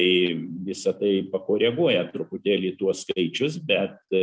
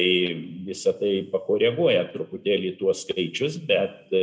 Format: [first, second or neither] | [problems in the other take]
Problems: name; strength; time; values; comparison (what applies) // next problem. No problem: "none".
first | room echo; dies away in 0.6 s